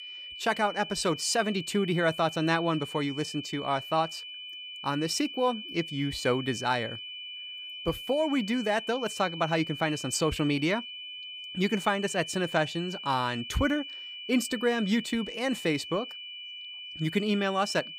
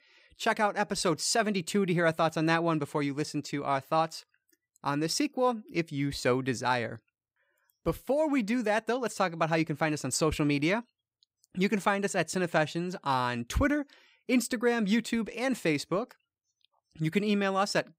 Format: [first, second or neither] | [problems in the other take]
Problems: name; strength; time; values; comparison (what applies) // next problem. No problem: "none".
second | high-pitched whine; loud; throughout; 3 kHz, 9 dB below the speech